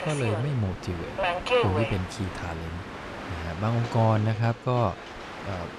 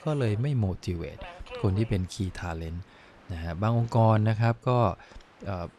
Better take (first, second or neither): second